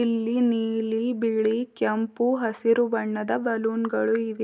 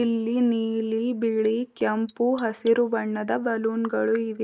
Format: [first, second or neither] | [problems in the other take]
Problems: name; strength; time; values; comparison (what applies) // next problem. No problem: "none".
first | noise reduction (neural mask model Resemble Enhance denoiser)